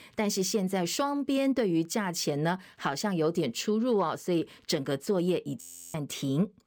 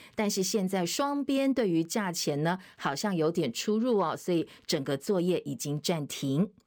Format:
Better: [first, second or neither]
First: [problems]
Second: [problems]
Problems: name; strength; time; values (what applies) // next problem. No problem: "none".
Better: second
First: audio freezing; at 5.5 s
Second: none